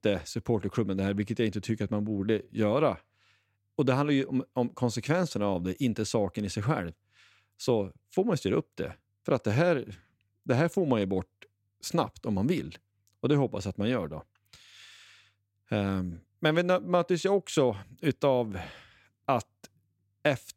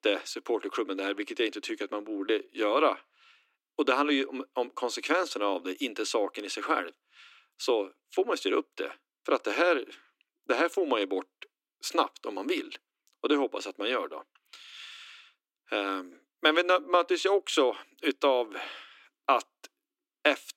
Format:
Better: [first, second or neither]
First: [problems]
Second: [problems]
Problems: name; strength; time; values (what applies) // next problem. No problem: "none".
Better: first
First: none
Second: thin; somewhat; fading below 300 Hz